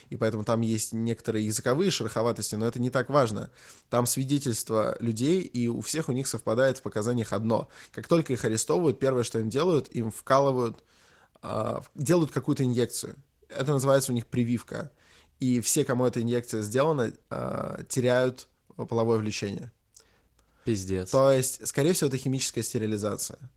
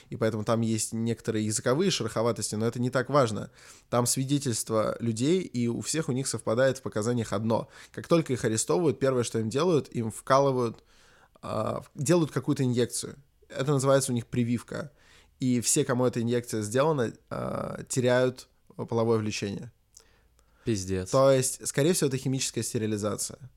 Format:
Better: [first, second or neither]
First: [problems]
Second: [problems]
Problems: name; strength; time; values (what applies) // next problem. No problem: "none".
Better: second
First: garbled, watery; slightly; nothing above 17.5 kHz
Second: none